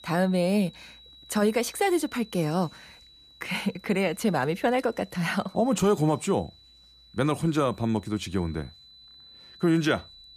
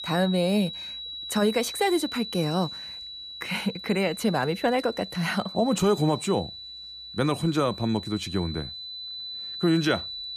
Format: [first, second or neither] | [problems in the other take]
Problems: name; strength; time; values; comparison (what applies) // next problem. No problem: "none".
first | high-pitched whine; loud; throughout; 4 kHz, 9 dB below the speech; faint in the first